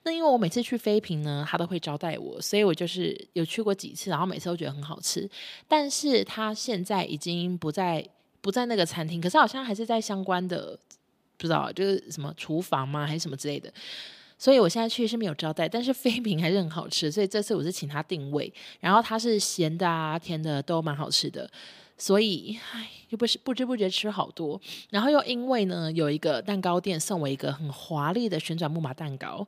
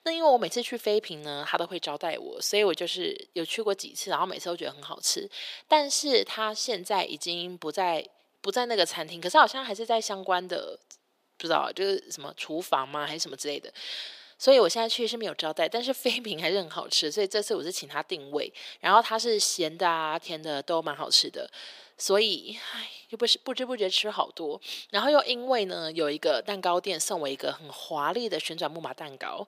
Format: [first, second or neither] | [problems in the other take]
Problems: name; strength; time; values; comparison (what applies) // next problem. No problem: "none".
first | thin; somewhat; fading below 500 Hz